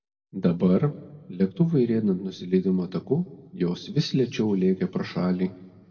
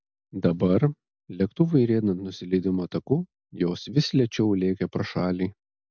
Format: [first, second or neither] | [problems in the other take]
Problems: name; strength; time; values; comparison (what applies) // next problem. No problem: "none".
second | room echo; dies away in 1.2 s